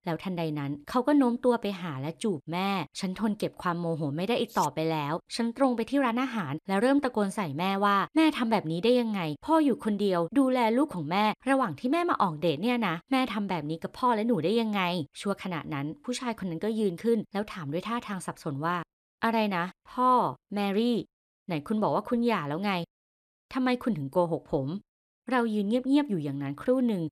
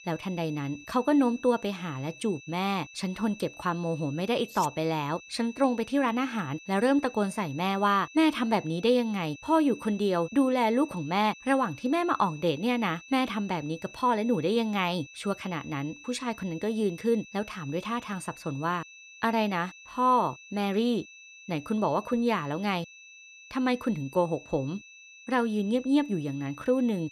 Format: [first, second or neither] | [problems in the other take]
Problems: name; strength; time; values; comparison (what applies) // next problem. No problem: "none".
first | high-pitched whine; noticeable; throughout; 2.5 kHz, 20 dB below the speech